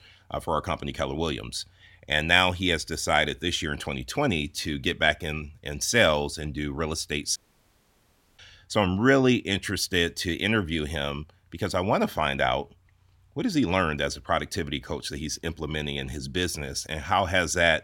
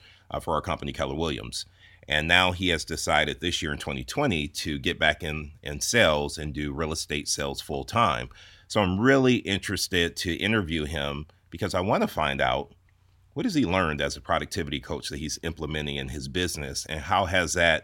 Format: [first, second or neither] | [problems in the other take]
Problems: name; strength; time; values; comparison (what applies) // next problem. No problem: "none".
second | audio cutting out; at 7.5 s for 1 s